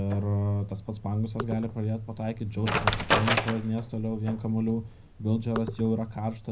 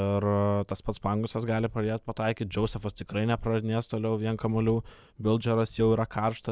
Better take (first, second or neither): second